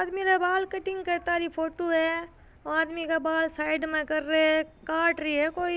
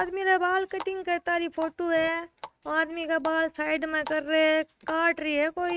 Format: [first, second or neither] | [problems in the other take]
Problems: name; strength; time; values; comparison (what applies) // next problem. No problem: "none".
first | noise reduction (neural mask model RNNoise)